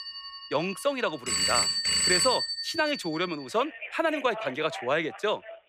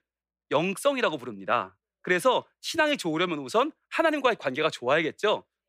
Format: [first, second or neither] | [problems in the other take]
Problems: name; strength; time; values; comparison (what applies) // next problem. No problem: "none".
second | alarms or sirens; very loud; throughout; 3 dB above the speech